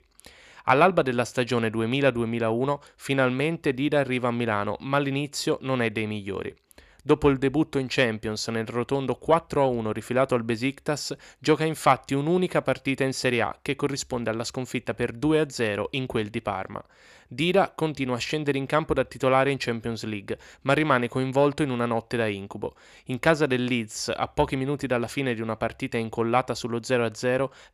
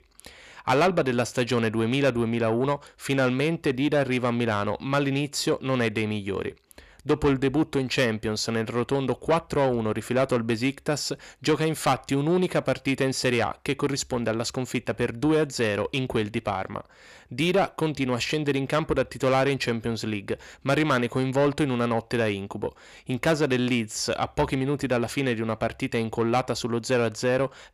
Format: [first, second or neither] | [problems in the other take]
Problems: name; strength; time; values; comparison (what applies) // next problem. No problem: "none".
first | distortion; slight; 10 dB below the speech